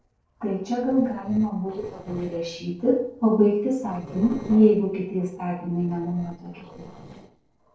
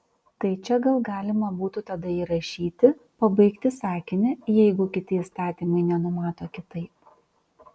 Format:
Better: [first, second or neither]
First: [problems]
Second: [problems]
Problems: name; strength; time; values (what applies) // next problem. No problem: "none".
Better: second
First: noise reduction (neural separator model SepFormer DNS4)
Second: none